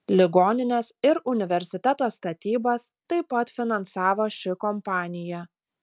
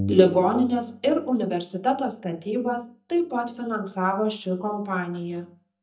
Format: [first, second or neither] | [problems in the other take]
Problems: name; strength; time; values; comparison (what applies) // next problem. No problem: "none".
first | noise reduction (neural mask model DeepFilterNet 3)